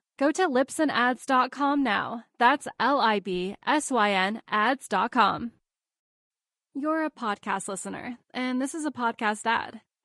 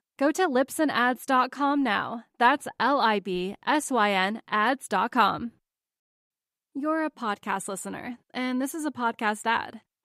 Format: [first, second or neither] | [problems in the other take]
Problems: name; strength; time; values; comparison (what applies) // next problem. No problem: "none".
second | garbled, watery; slightly; nothing above 10.5 kHz